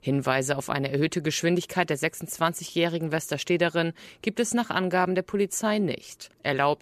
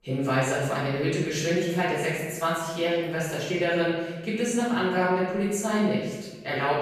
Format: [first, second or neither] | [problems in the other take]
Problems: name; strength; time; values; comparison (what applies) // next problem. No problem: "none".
first | room echo; noticeable; dies away in 1.1 s // off-mic speech; far